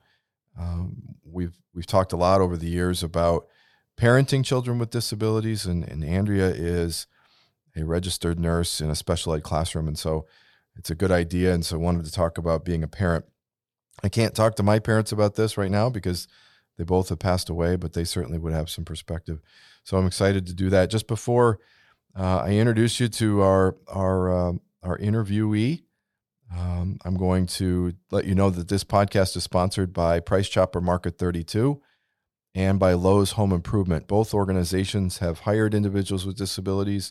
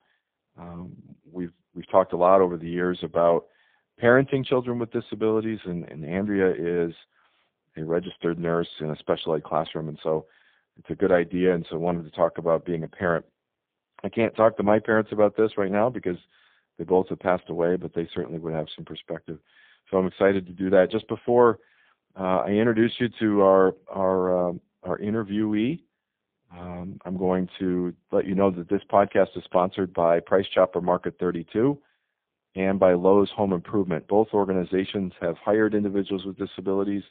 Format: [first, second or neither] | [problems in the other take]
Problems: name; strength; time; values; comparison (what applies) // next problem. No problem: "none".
first | phone-call audio; poor line; nothing above 3.5 kHz